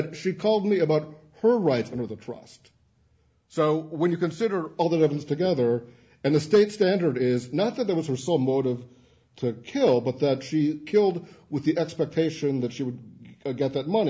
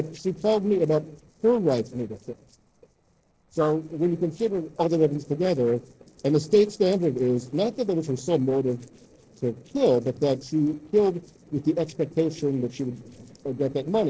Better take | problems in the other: first | noise reduction (neural separator model SepFormer DNS4)

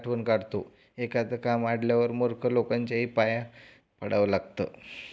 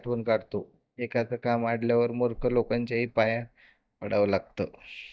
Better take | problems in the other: first | noise reduction (neural mask model DeepFilterNet 3)

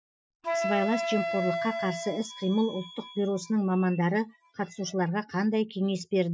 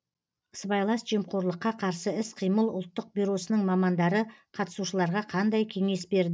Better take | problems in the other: second | noise reduction (classical method Wiener filter)

